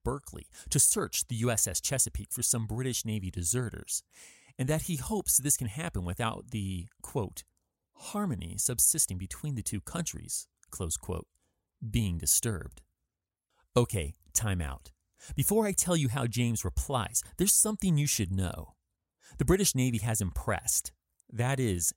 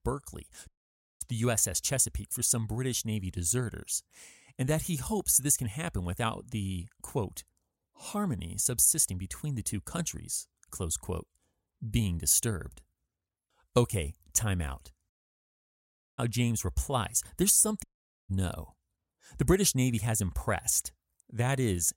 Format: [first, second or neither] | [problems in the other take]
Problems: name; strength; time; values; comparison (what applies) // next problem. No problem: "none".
first | audio cutting out; at 0.5 s for 0.5 s, at 15 s for 1 s and at 18 s